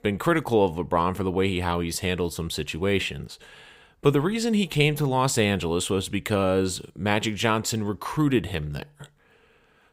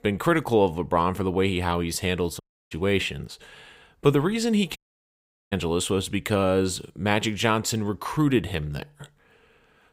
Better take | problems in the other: first | audio cutting out; at 2.5 s and at 5 s for 1 s

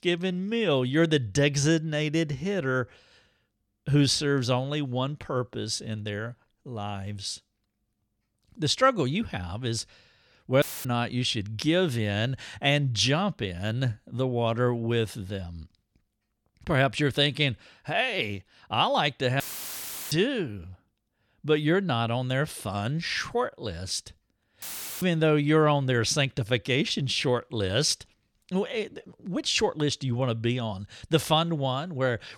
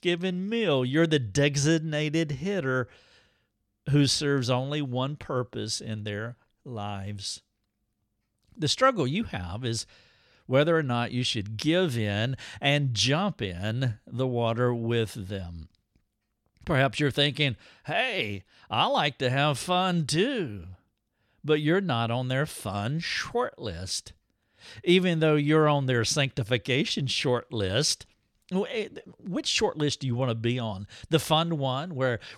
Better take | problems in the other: second | audio cutting out; filled with static; at 11 s, at 19 s for 0.5 s and at 25 s

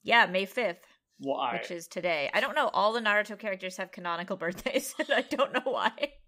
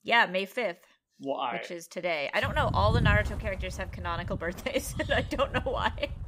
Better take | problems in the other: first | wind noise on the microphone; occasional gusts; from 2.5 s on; 15 dB below the speech

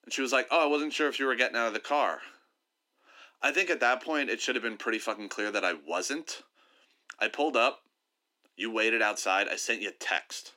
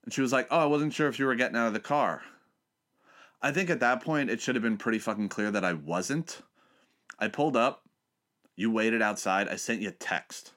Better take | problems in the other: second | thin; somewhat; fading below 300 Hz

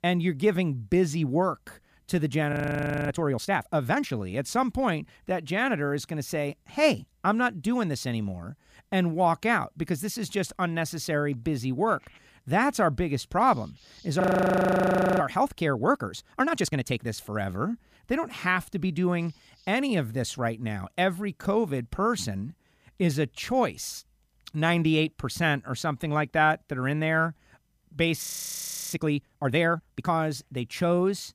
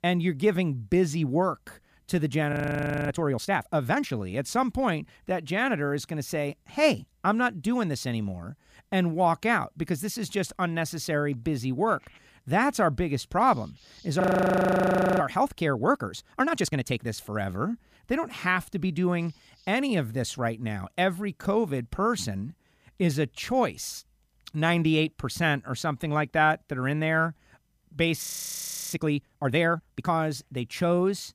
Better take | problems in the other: neither | audio freezing; at 2.5 s for 0.5 s, at 14 s for 1 s and at 28 s for 0.5 s; the same in both

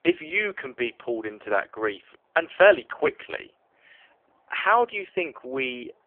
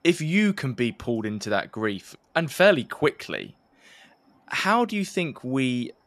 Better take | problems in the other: second | phone-call audio; poor line; nothing above 3 kHz

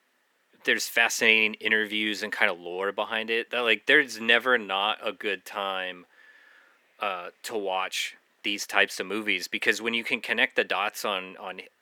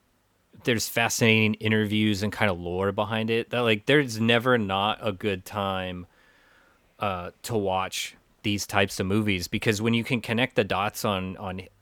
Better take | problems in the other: second | thin; somewhat; fading below 300 Hz

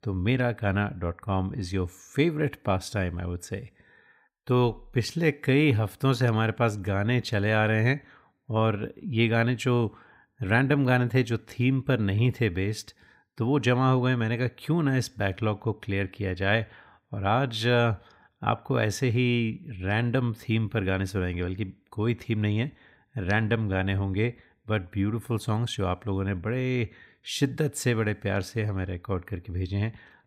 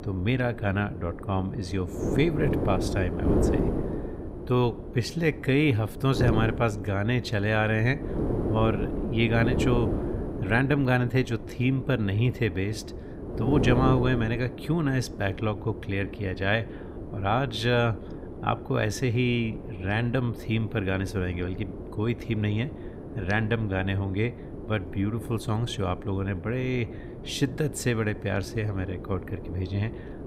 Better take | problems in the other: first | wind noise on the microphone; heavy; 8 dB below the speech

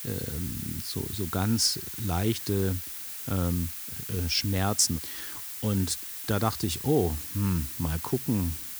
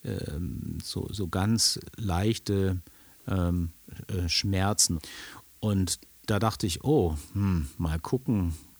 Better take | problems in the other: second | hiss; loud; throughout; 6 dB below the speech; faint in the second

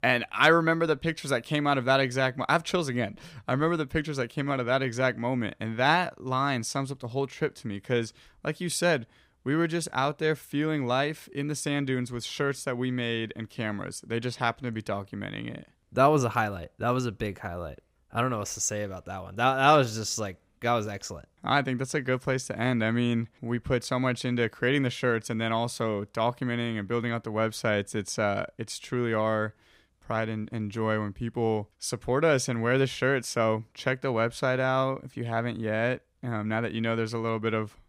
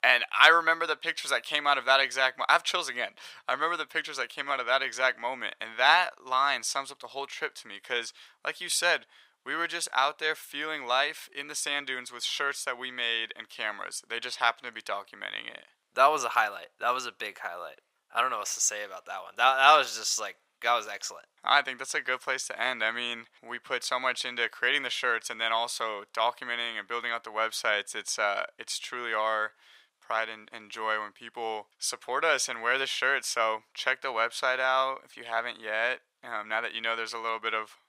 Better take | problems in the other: first | thin; very; fading below 950 Hz

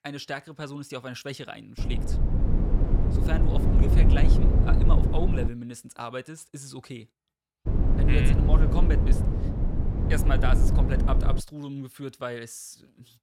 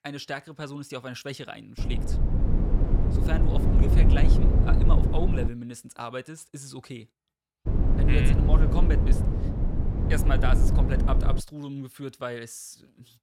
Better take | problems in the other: neither | low rumble; loud; from 2 to 5.5 s and from 7.5 to 11 s; 1 dB below the speech; the same in both

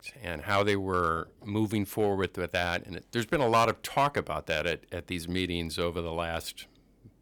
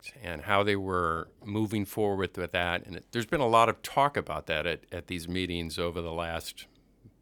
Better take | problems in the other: second | distortion; slight; 1.2% of the sound clipped

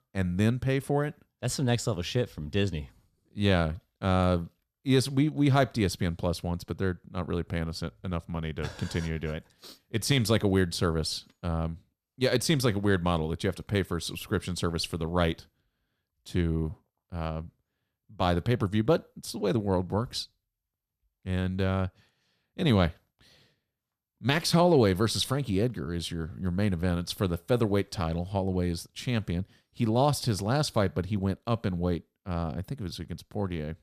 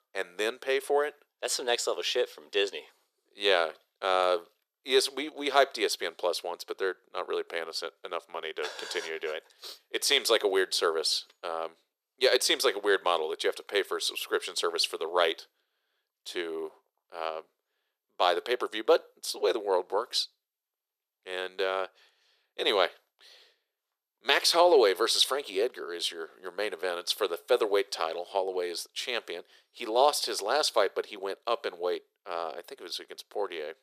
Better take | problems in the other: first | thin; very; fading below 400 Hz

